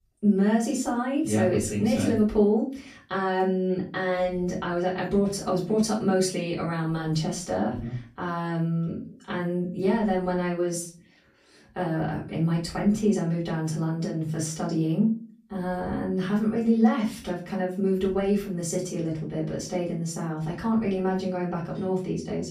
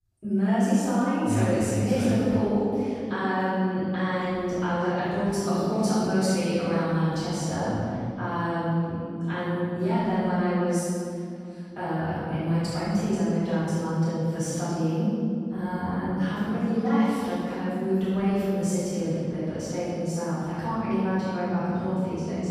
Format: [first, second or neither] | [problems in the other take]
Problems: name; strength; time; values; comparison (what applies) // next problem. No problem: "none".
first | room echo; strong; dies away in 2.3 s; slight in the first // off-mic speech; far; far in the first